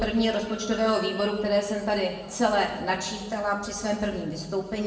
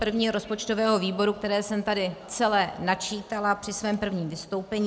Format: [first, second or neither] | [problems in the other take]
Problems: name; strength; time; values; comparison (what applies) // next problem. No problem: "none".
second | background sound (Telephone); 19 dB below the speech // room echo; dies away in 1 s